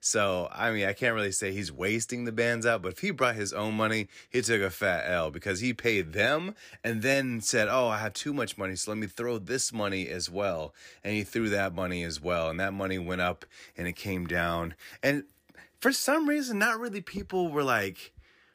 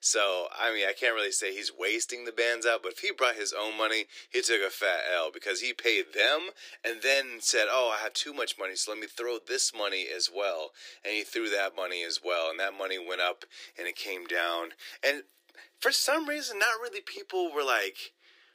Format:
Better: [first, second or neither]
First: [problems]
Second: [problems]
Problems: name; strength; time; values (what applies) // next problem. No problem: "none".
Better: first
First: none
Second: thin; very; fading below 350 Hz